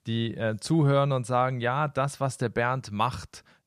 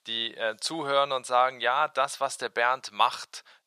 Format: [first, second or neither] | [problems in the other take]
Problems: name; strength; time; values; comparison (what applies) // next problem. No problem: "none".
first | thin; very; fading below 750 Hz